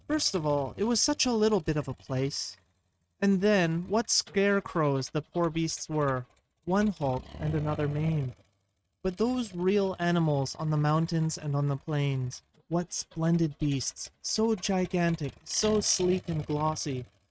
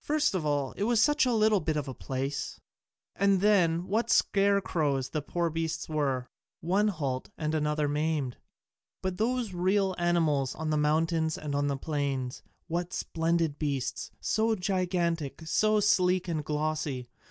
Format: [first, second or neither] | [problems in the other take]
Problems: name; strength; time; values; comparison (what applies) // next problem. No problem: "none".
second | noise reduction (neural mask model RNNoise)